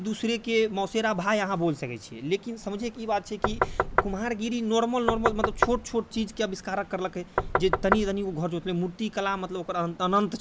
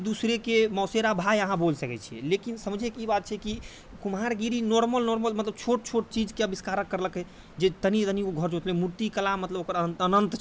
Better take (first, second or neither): second